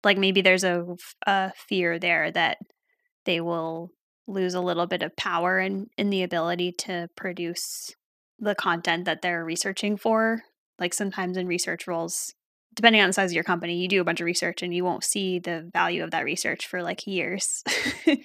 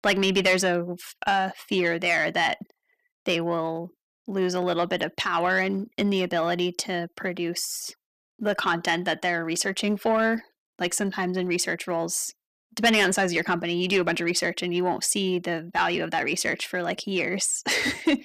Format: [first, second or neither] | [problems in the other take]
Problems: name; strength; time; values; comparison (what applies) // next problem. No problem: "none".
first | distortion; slight; 10 dB below the speech